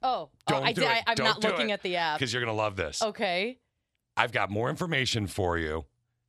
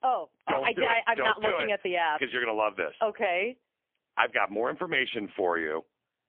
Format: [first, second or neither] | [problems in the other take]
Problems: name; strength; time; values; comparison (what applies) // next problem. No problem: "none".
first | phone-call audio; poor line; nothing above 3.5 kHz